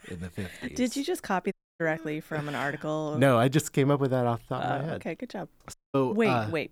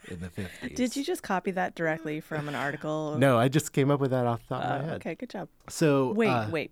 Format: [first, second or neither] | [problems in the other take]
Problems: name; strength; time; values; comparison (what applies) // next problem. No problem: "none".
second | audio cutting out; at 1.5 s and at 5.5 s